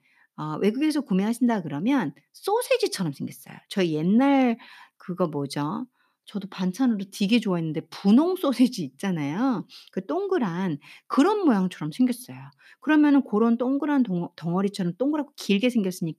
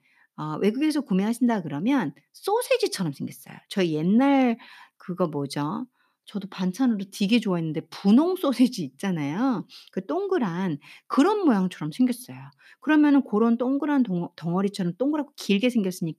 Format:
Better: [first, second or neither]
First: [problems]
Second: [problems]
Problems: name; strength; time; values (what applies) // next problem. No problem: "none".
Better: neither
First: none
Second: none